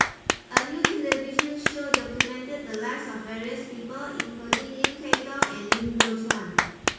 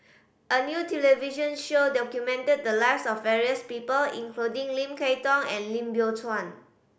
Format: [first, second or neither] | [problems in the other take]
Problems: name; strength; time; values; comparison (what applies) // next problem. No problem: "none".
second | background sound (Clapping); 5 dB above the speech // room echo; dies away in 1.2 s